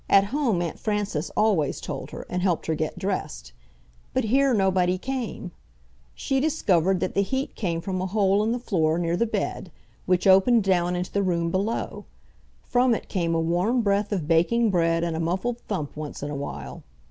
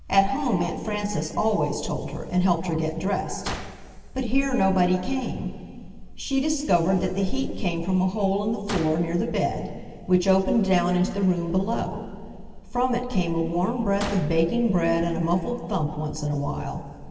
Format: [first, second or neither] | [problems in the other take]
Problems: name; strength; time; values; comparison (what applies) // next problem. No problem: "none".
first | background sound (Gunshot, gunfire); 17 dB below the speech // room echo; dies away in 2.3 s